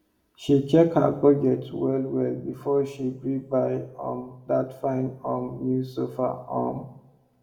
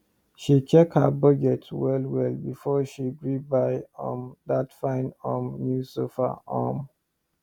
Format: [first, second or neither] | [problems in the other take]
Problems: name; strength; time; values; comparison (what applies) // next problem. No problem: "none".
second | room echo; dies away in 0.7 s